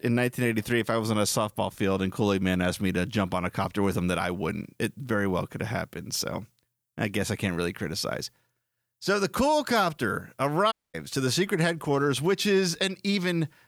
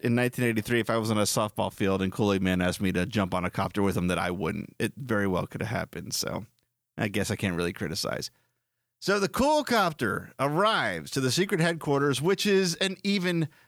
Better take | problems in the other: second | audio cutting out; at 11 s

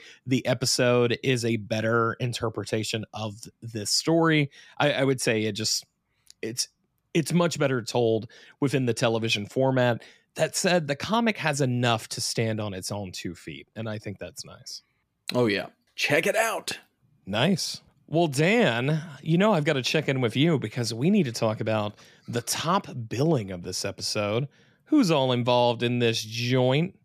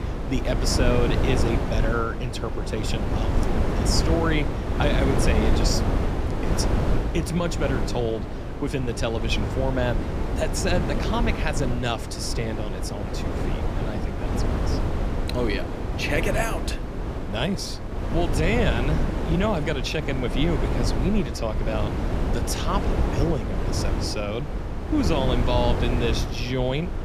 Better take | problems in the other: first | wind noise on the microphone; heavy; 3 dB below the speech

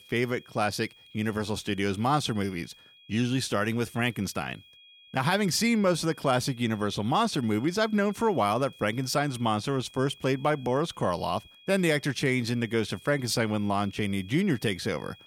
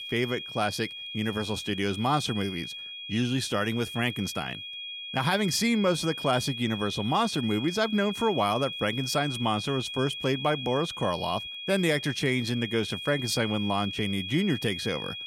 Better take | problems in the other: first | high-pitched whine; loud; throughout; 3.5 kHz, 7 dB below the speech; faint in the first

